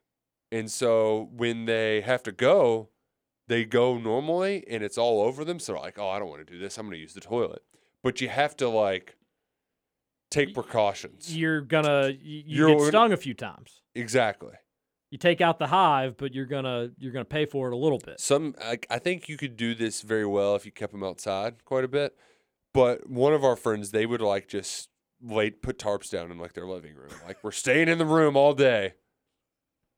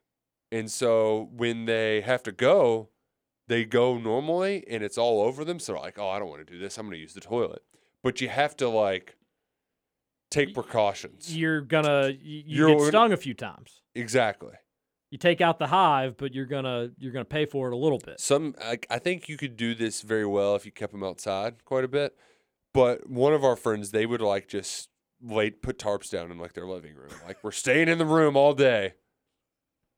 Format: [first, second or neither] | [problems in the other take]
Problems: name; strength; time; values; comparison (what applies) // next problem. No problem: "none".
neither | none